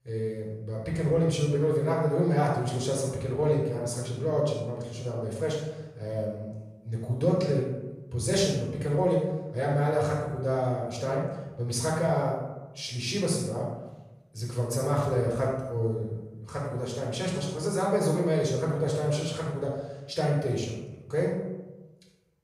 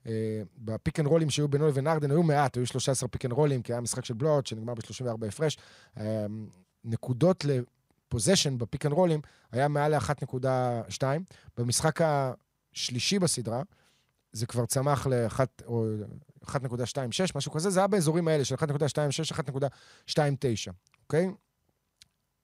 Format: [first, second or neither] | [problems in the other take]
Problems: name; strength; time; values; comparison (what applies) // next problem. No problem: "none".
second | off-mic speech; far // room echo; noticeable; dies away in 0.9 s